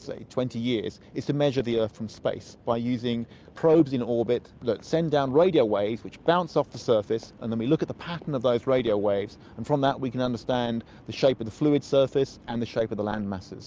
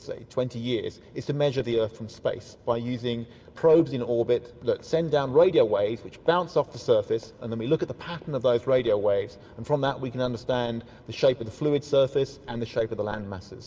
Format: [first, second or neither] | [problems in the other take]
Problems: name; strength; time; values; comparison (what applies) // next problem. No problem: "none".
first | room echo; dies away in 1 s